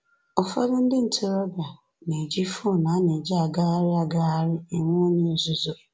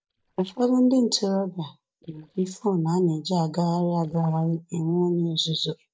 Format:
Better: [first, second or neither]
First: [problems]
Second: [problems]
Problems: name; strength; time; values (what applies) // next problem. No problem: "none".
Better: first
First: none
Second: noise reduction (neural mask model DeepFilterNet 3)